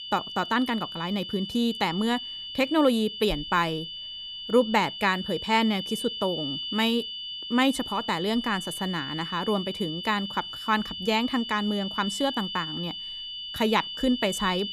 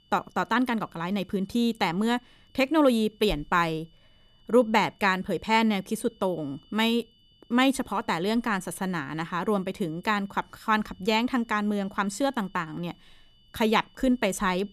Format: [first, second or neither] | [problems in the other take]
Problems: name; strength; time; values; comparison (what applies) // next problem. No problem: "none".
second | high-pitched whine; loud; throughout; 3 kHz, 7 dB below the speech; faint in the second